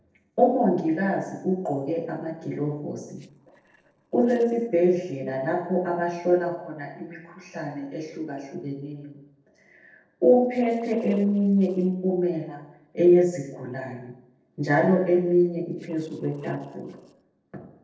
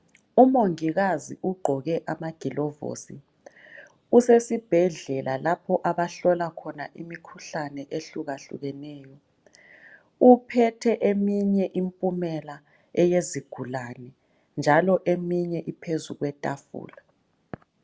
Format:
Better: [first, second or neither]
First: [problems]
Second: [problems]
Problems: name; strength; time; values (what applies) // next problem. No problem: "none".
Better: second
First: noise reduction (neural separator model SepFormer DNS4)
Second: none